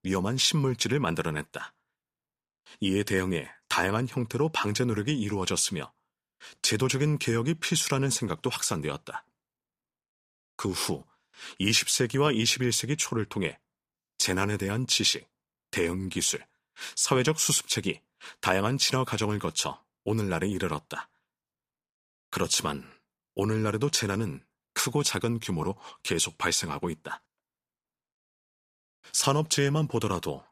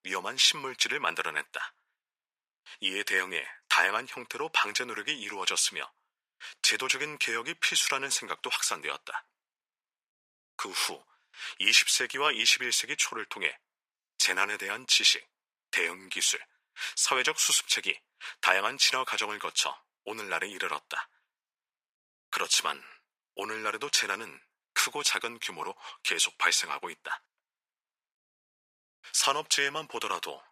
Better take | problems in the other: first | thin; very; fading below 650 Hz

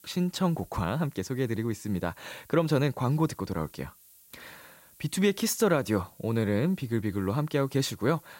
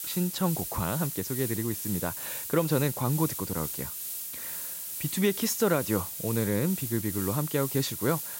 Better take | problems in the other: first | hiss; loud; throughout; 4 dB below the speech; faint in the first

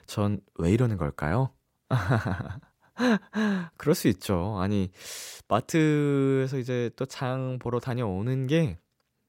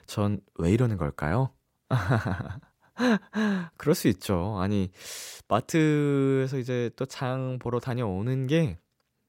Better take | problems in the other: neither | none

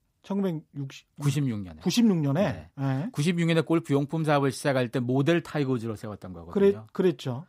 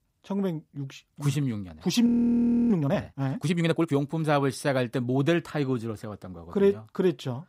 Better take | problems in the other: first | audio freezing; at 2 s for 0.5 s

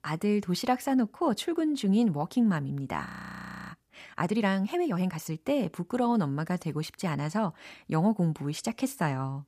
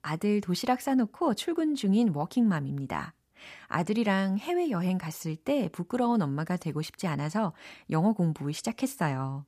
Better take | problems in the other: second | audio freezing; at 3 s for 0.5 s

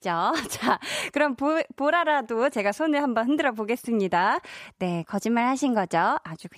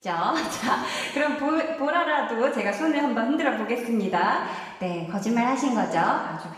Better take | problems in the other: first | room echo; noticeable; dies away in 1.2 s // off-mic speech; far

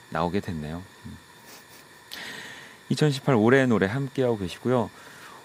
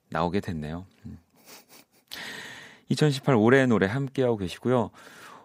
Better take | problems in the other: second | hiss; faint; throughout; 25 dB below the speech

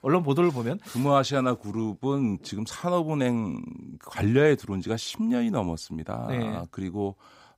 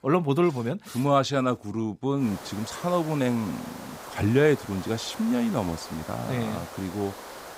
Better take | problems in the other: first | hiss; noticeable; from 2 s on; 15 dB below the speech

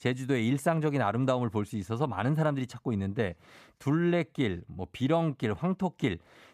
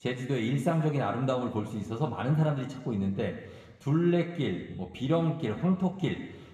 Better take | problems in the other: first | room echo; slight; dies away in 1.2 s // off-mic speech; somewhat distant

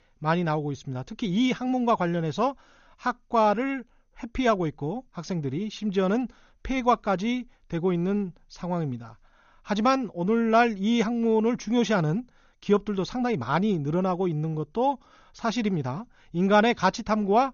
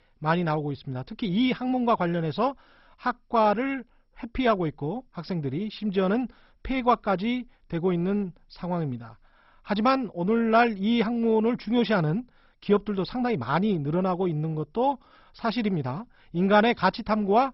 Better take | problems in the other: first | garbled, watery; badly; nothing above 5.5 kHz; slightly in the first

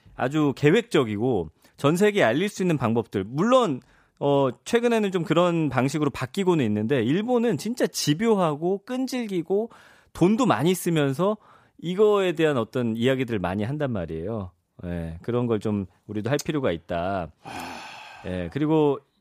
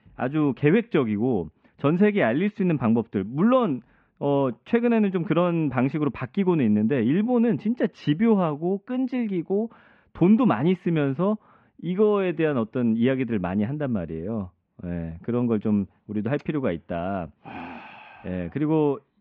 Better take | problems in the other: first | muffled; very; fading above 2.5 kHz

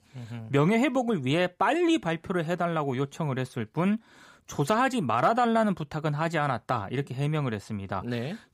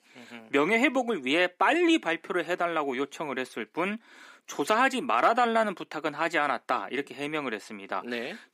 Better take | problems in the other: first | thin; very slightly; fading below 300 Hz

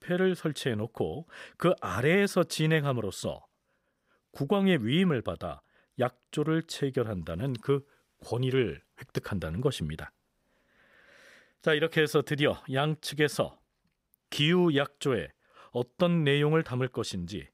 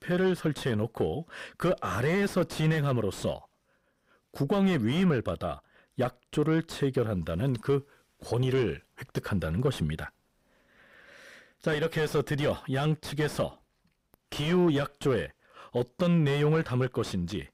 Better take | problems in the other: first | distortion; heavy; 7 dB below the speech

